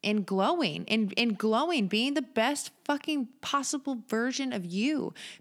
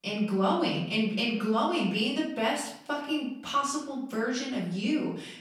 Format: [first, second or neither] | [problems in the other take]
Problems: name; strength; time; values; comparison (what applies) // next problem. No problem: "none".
first | off-mic speech; far // room echo; noticeable; dies away in 0.6 s